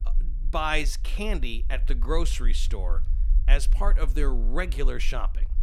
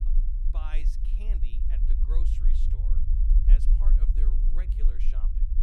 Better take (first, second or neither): first